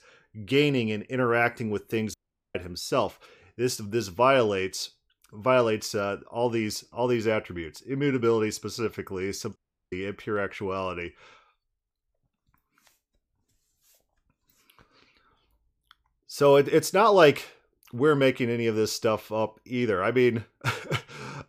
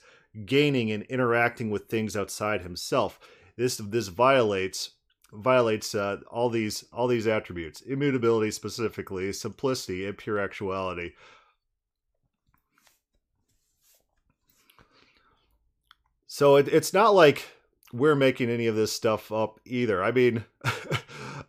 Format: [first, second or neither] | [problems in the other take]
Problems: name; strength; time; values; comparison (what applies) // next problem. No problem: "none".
second | audio cutting out; at 2 s and at 9.5 s